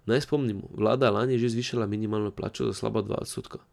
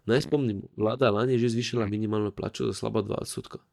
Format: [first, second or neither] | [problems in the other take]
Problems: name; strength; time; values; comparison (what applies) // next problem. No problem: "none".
first | noise reduction (neural mask model DeepFilterNet 3)